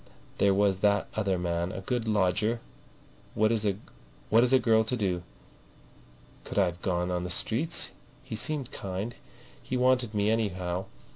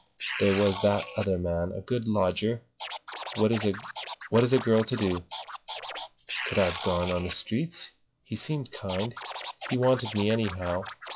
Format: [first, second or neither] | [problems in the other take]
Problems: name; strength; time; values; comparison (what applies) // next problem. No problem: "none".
first | noise reduction (classical method log-MMSE)